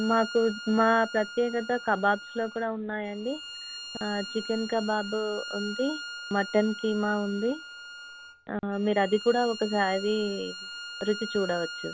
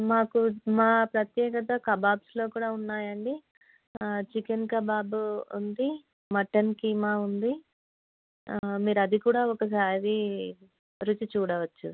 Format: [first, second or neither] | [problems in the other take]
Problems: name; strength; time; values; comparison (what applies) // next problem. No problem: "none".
second | background sound (Bowed string instrument); 12 dB below the speech